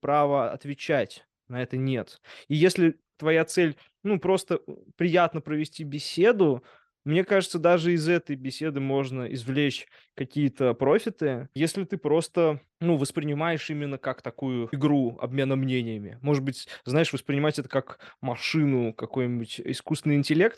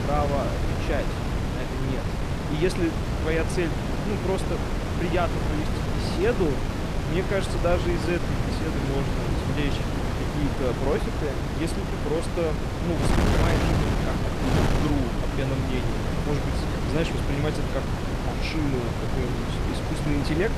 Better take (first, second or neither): first